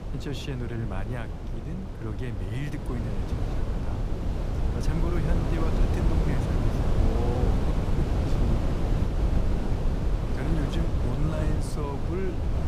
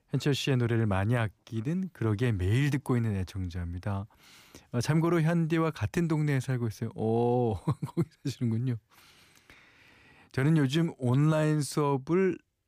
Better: second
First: wind noise on the microphone; heavy; 2 dB above the speech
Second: none

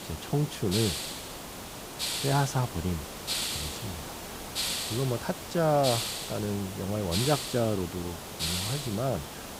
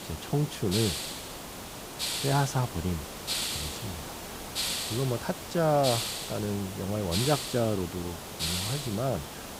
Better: neither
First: hiss; loud; throughout; 3 dB below the speech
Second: hiss; loud; throughout; 3 dB below the speech

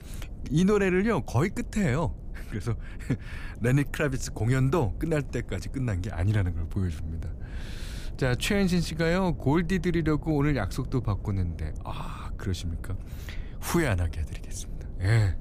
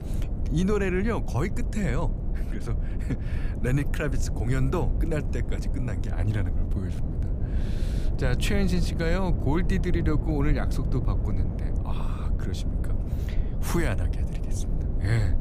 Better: first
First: low rumble; faint; throughout; 20 dB below the speech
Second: low rumble; loud; throughout; 9 dB below the speech

